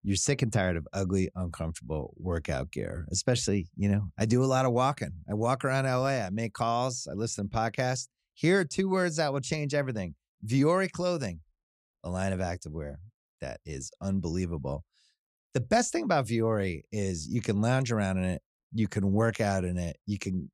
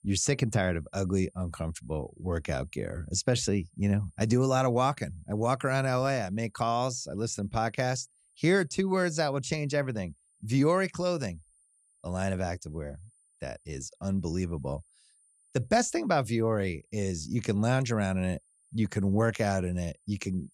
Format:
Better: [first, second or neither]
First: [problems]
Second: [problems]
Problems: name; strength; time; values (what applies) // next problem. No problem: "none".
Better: first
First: none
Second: high-pitched whine; faint; throughout; 9 kHz, 35 dB below the speech